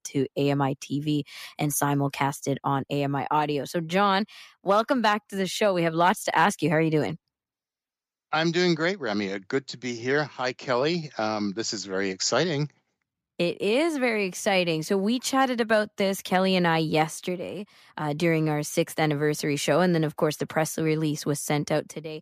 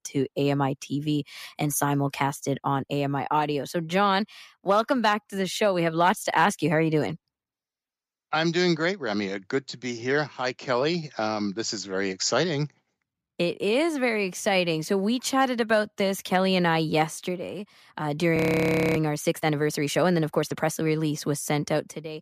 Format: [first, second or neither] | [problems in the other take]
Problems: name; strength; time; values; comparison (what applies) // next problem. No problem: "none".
first | audio freezing; at 18 s for 0.5 s